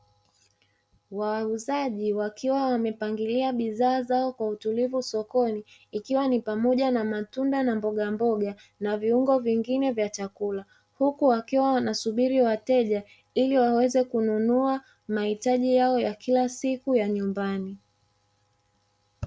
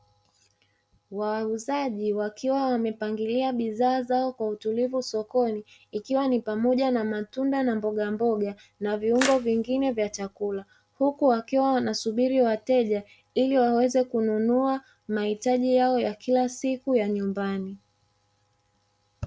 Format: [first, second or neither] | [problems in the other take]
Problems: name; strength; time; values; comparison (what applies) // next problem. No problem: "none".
first | background sound (Splash, splatter); 10 dB below the speech